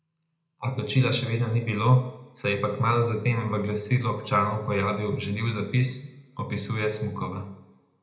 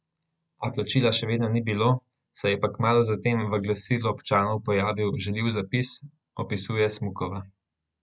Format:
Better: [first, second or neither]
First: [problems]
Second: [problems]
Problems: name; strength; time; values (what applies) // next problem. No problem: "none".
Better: second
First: room echo; dies away in 0.7 s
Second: none